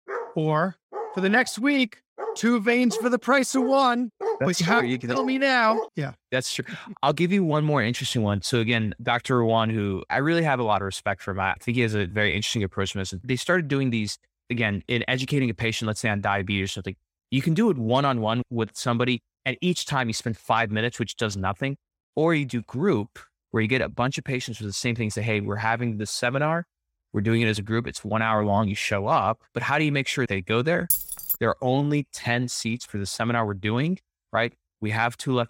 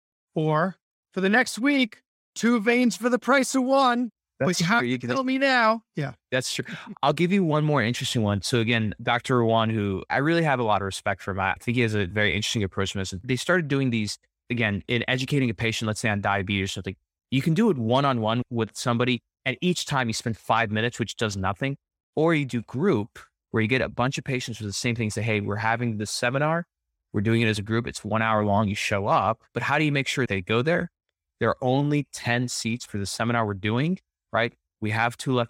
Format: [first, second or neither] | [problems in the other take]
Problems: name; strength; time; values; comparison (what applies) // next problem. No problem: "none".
second | dog barking; noticeable; until 6 s; peak 5 dB below the speech // jangling keys; loud; at 31 s; peak 1 dB above the speech